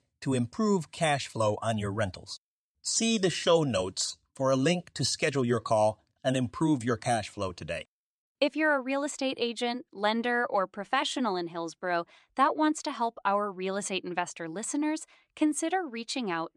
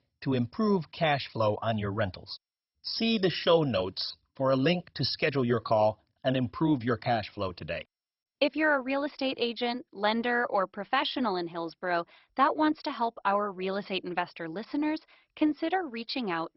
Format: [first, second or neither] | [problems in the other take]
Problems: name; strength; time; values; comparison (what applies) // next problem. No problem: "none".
first | garbled, watery; badly; nothing above 5.5 kHz